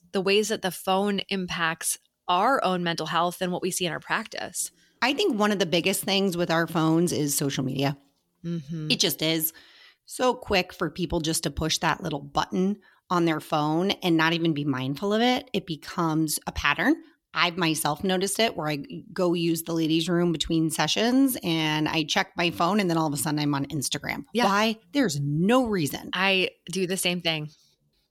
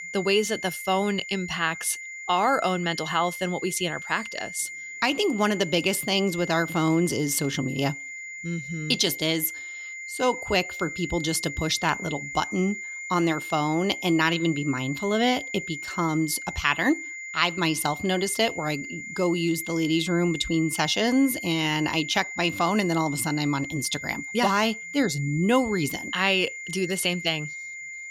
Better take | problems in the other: first | high-pitched whine; loud; throughout; 2 kHz, 9 dB below the speech

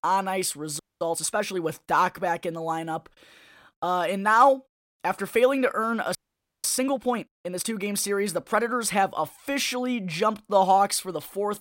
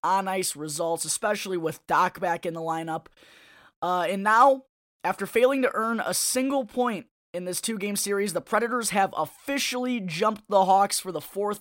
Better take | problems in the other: second | audio freezing; at 1 s and at 6 s

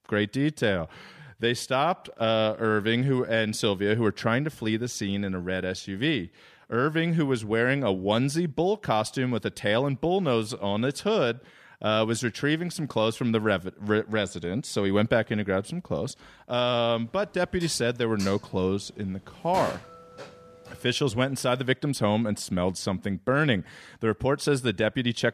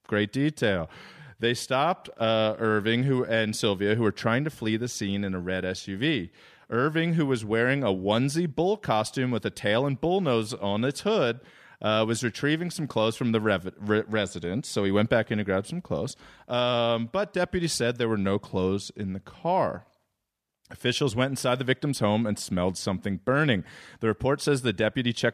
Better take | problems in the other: second | clattering dishes; noticeable; from 18 to 21 s; peak 9 dB below the speech

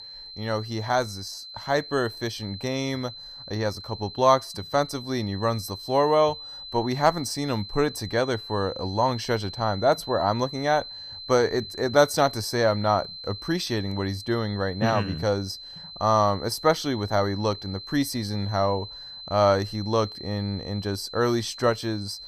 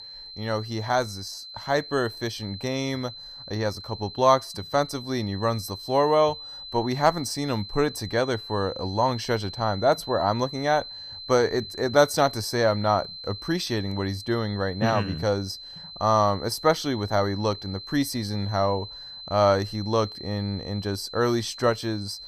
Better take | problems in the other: neither | high-pitched whine; noticeable; throughout; 4 kHz, 10 dB below the speech; the same in both

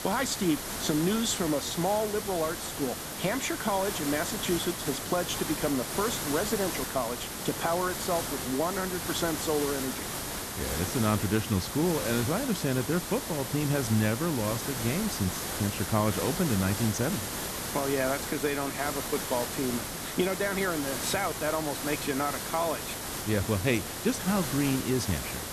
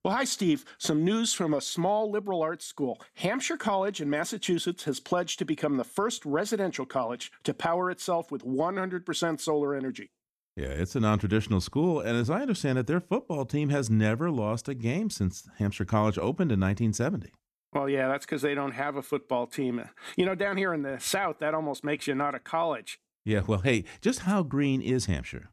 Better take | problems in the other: second | hiss; loud; throughout; 3 dB below the speech

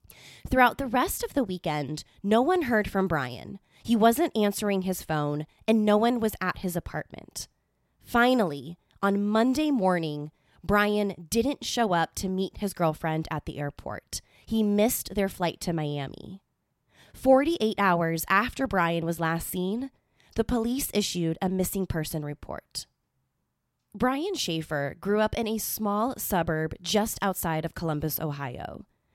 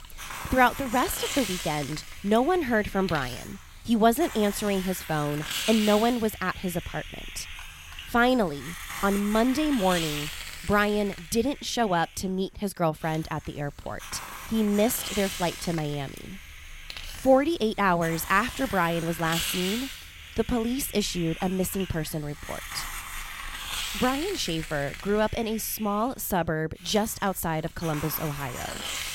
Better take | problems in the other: first | hiss; loud; throughout; 9 dB below the speech

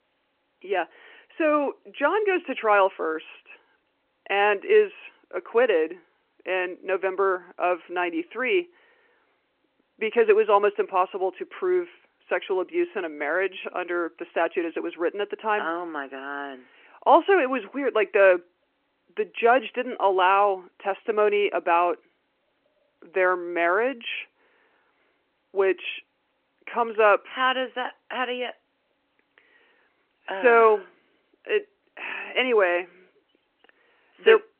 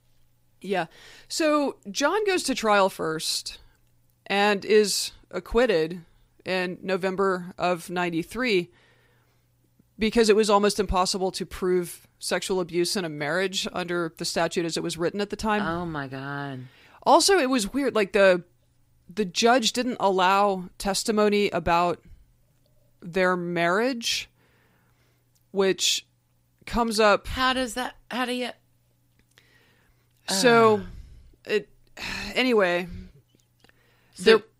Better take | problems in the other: second | phone-call audio

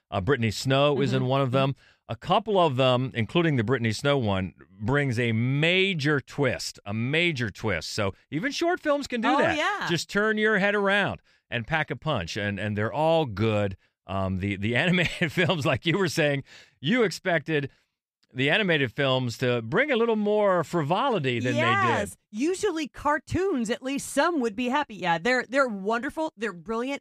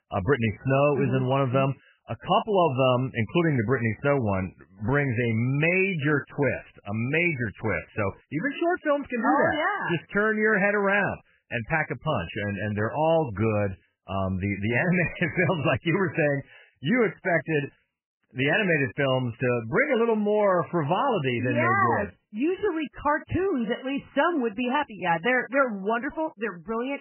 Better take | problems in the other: first | garbled, watery; badly; nothing above 3 kHz

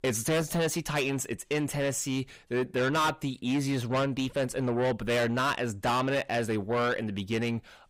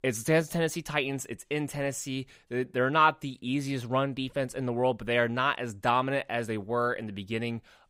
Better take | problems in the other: second | distortion; heavy; 6 dB below the speech

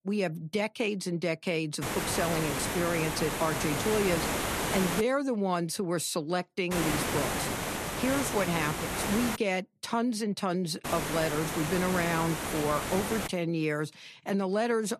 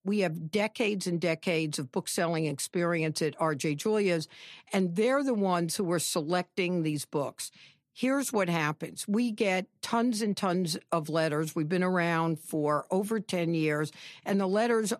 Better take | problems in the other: second | hiss; loud; from 2 to 5 s, from 6.5 to 9.5 s and from 11 to 13 s; 2 dB below the speech

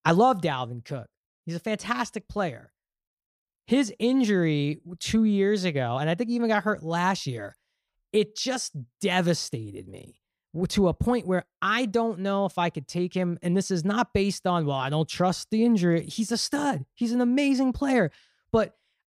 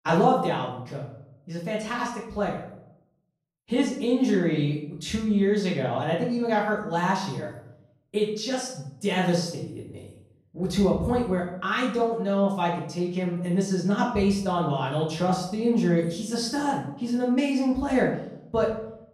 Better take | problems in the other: first | room echo; noticeable; dies away in 0.6 s // off-mic speech; far

